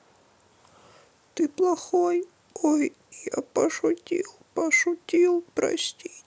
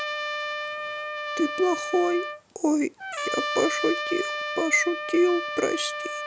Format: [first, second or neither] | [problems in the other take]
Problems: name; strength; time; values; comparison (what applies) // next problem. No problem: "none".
first | background sound (Trumpet); 4 dB below the speech